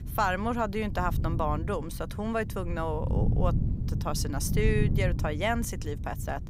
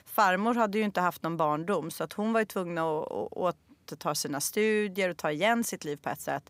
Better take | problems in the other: second | wind noise on the microphone; occasional gusts; 10 dB below the speech

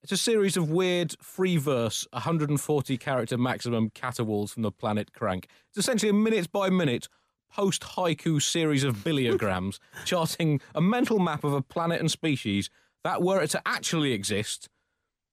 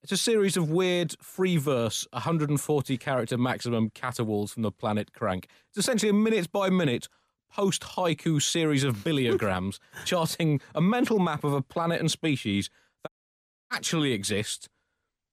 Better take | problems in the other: first | audio cutting out; at 13 s for 0.5 s

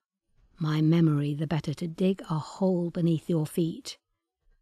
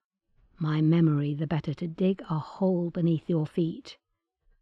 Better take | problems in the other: first | muffled; slightly; fading above 3 kHz

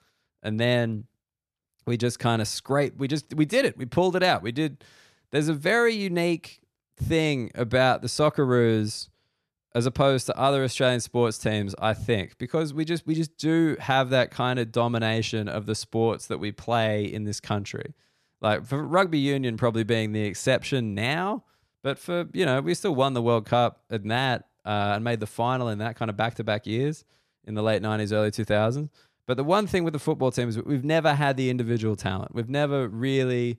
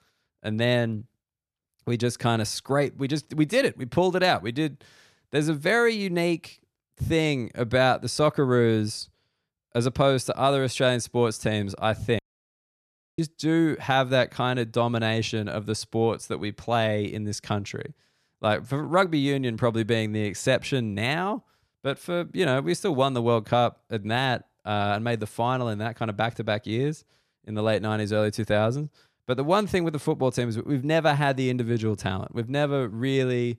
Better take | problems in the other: first | audio cutting out; at 12 s for 1 s

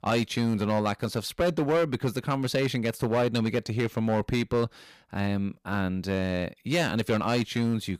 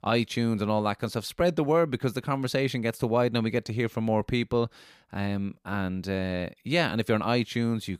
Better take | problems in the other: second | distortion; slight; 8% of the sound clipped

